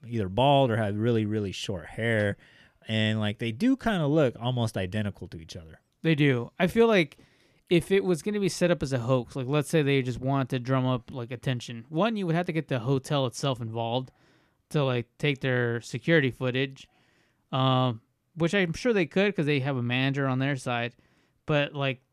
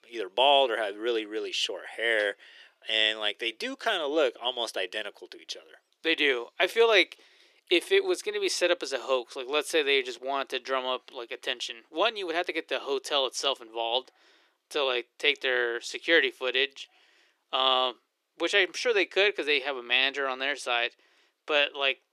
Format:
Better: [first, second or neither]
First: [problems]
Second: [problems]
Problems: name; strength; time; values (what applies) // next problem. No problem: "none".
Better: first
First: none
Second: thin; very; fading below 350 Hz